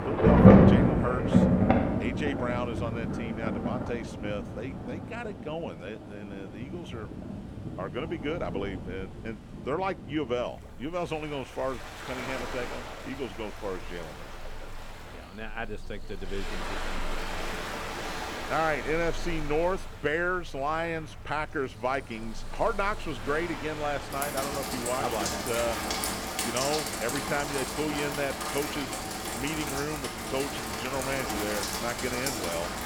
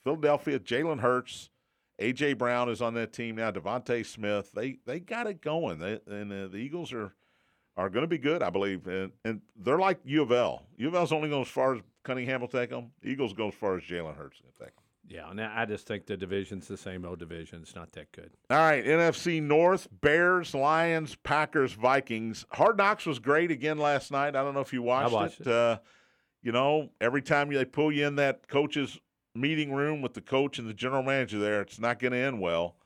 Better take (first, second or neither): second